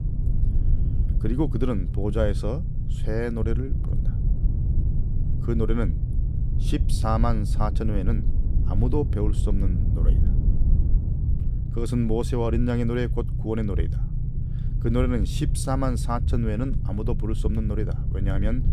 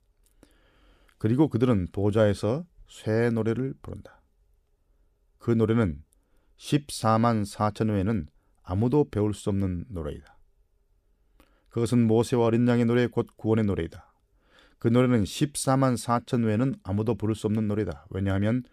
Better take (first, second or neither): second